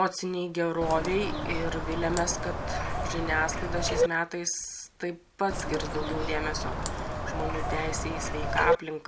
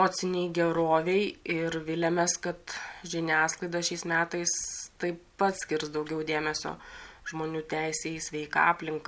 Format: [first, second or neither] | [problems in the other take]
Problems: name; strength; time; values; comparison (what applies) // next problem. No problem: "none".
second | background sound (Bird); 1 dB above the speech